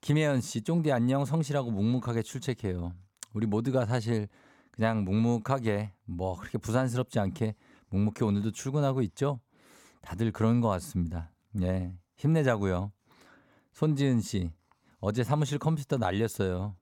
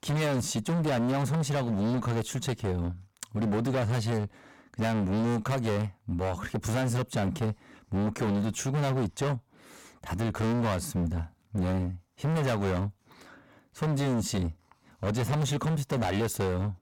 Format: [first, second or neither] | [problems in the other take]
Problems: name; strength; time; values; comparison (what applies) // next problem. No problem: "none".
first | distortion; heavy; 26% of the sound clipped